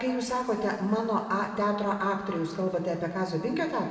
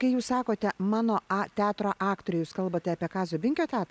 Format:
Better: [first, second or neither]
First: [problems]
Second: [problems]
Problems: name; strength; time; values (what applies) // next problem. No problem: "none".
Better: second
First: room echo; dies away in 2.1 s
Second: none